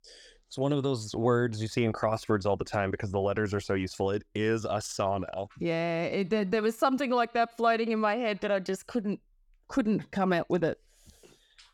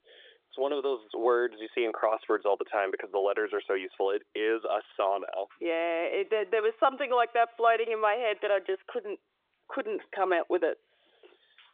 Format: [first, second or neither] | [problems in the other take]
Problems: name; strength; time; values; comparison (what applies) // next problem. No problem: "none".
first | phone-call audio